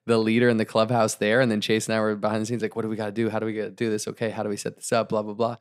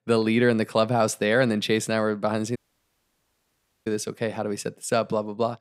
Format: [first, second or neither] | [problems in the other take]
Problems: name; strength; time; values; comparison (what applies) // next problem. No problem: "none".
first | audio cutting out; at 2.5 s for 1.5 s